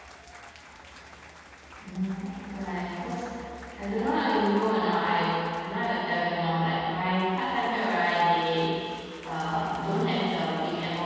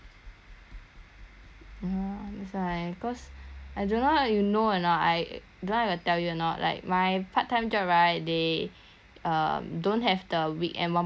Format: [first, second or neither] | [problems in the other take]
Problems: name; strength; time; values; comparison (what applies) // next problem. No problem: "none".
second | background sound (Applause / Crowd / Cheering); 19 dB below the speech // room echo; dies away in 2.1 s